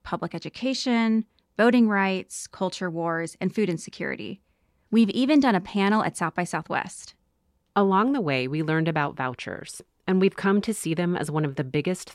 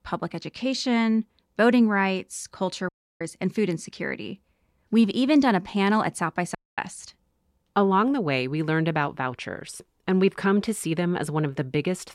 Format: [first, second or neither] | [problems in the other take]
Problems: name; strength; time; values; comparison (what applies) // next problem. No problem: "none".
first | audio cutting out; at 3 s and at 6.5 s